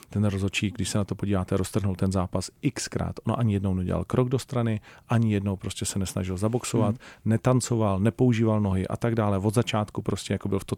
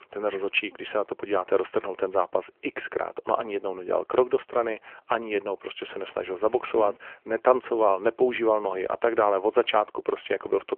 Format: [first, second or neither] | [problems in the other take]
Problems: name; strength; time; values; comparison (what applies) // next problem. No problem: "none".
first | phone-call audio; nothing above 3 kHz